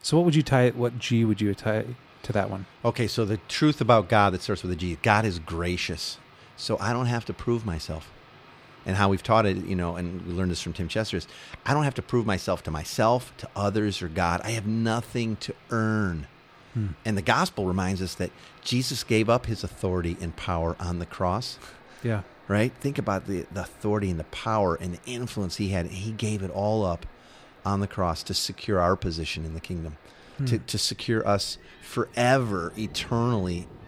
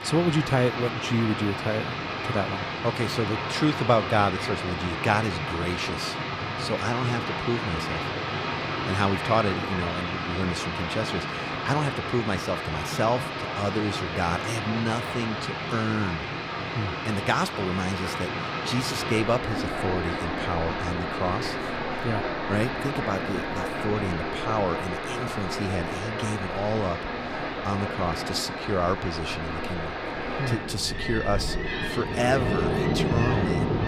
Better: first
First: rain or running water; faint; throughout; 25 dB below the speech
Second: rain or running water; loud; throughout; 1 dB below the speech

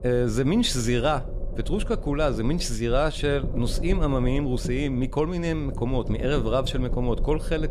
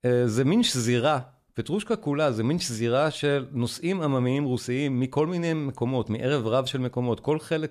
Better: second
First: low rumble; noticeable; throughout; 15 dB below the speech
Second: none

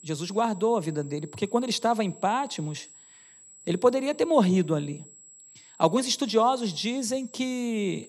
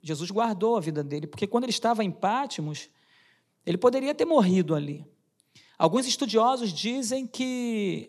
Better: second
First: high-pitched whine; faint; throughout; 7.5 kHz, 20 dB below the speech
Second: none

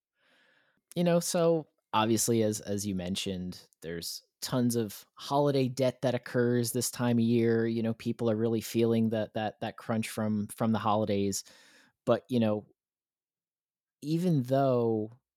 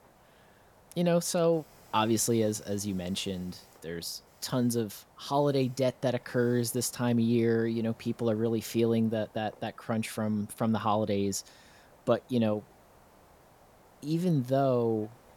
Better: first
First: none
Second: hiss; faint; throughout; 25 dB below the speech

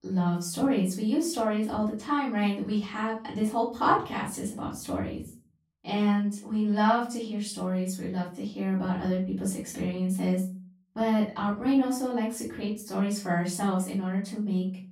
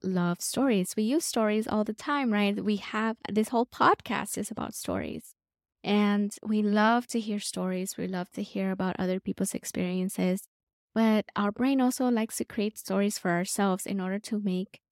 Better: second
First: room echo; slight; dies away in 0.4 s // off-mic speech; far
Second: none

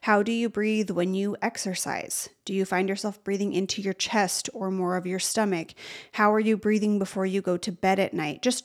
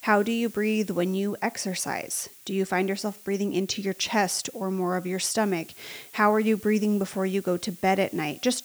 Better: first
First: none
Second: hiss; noticeable; throughout; 20 dB below the speech

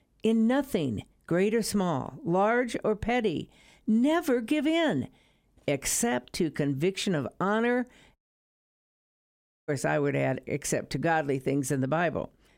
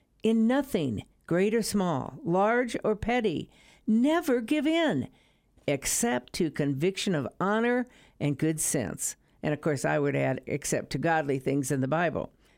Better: second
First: audio cutting out; at 8 s for 1.5 s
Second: none

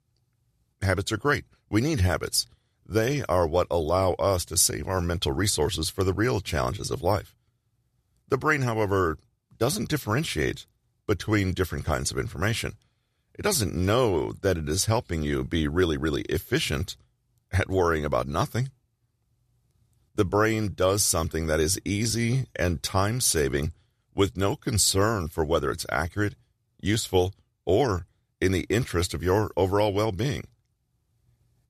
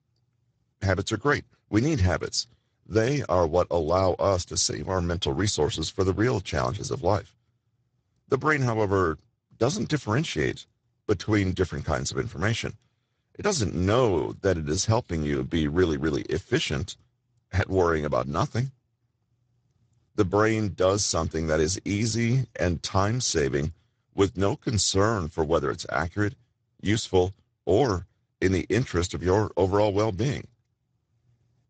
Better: first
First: none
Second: garbled, watery; badly; nothing above 8 kHz

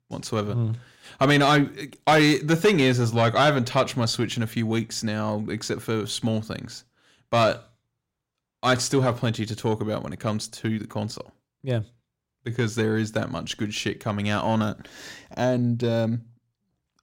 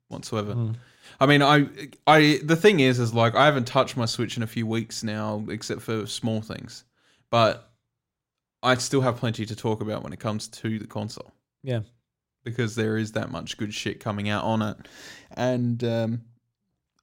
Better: second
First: distortion; slight; 10 dB below the speech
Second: none

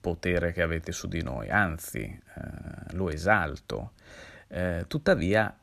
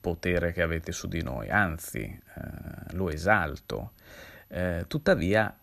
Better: first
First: none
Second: high-pitched whine; faint; throughout; 12 kHz, 30 dB below the speech

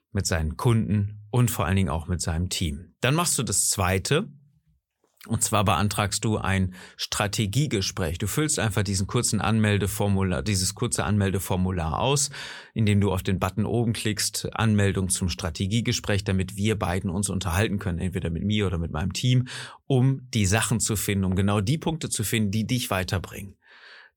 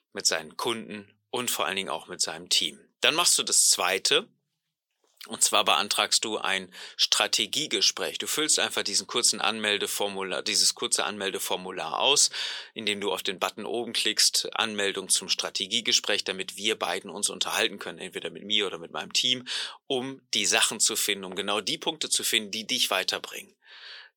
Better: first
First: none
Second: thin; very; fading below 350 Hz

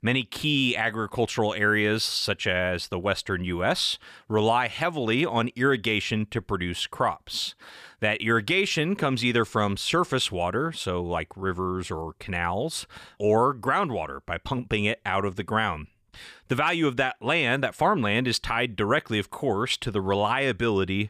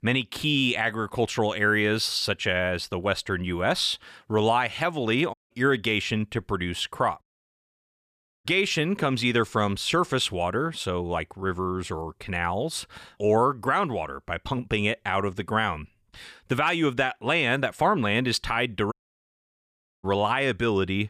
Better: first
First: none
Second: audio cutting out; at 5.5 s, at 7 s for 1 s and at 19 s for 1 s

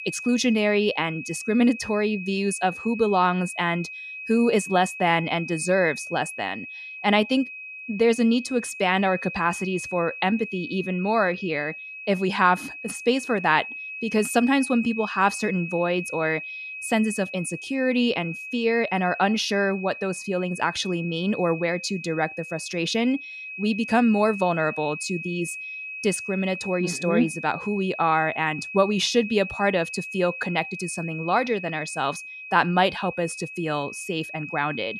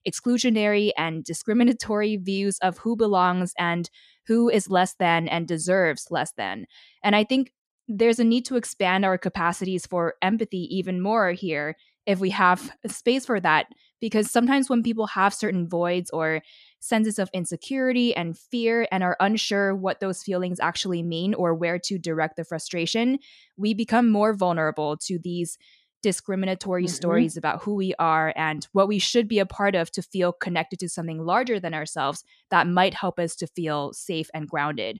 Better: second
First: high-pitched whine; loud; throughout; 2.5 kHz, 10 dB below the speech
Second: none

